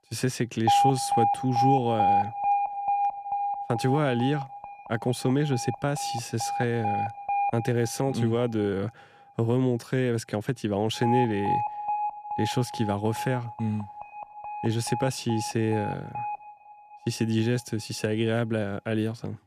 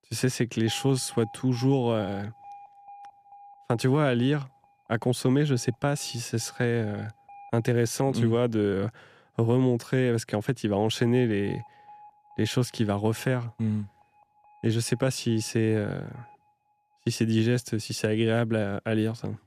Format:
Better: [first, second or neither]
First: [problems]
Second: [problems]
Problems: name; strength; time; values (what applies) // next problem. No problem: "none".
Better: second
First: alarms or sirens; loud; throughout; 1 dB below the speech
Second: alarms or sirens; faint; throughout; 25 dB below the speech